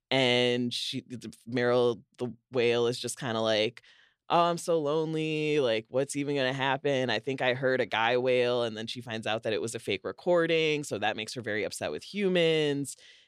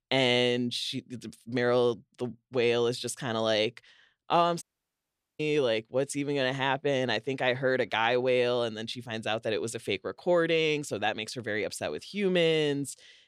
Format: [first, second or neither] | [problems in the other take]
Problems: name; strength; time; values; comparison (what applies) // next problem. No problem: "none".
first | audio cutting out; at 4.5 s for 1 s